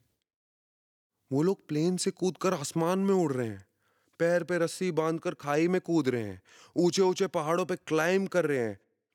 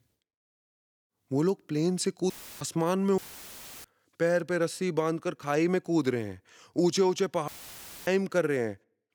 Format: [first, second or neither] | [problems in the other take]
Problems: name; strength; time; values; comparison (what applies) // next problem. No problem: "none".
first | audio cutting out; filled with static; at 2.5 s, at 3 s for 0.5 s and at 7.5 s for 0.5 s